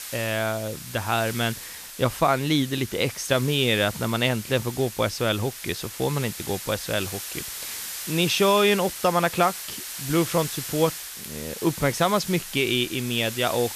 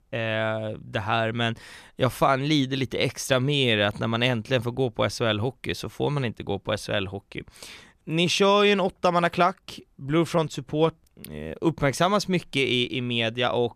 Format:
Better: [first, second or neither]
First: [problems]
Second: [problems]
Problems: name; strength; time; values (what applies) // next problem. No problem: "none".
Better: second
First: hiss; loud; throughout; 9 dB below the speech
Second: none